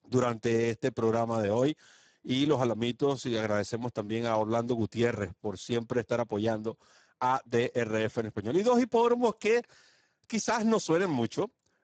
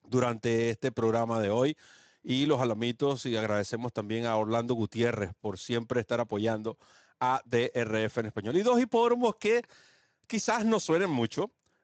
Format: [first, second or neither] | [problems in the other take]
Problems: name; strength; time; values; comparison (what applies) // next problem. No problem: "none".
second | garbled, watery; badly; nothing above 7.5 kHz; slightly in the second